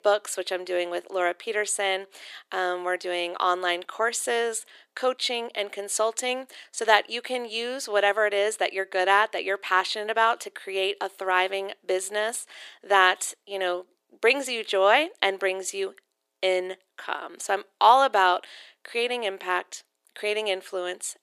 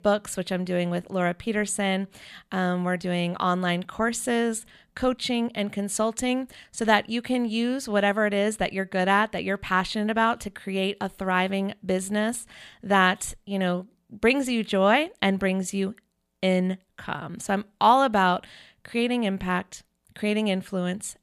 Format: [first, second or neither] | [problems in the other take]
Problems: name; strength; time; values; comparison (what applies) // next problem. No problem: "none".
second | thin; very; fading below 350 Hz